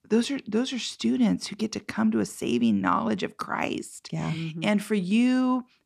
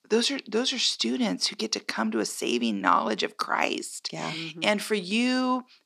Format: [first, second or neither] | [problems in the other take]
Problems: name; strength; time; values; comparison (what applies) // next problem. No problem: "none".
first | thin; somewhat; fading below 350 Hz